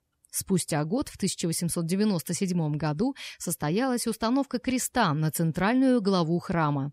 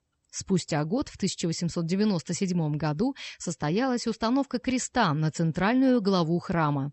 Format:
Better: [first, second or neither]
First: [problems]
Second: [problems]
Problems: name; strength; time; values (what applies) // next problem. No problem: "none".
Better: first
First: none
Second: garbled, watery; slightly; nothing above 8 kHz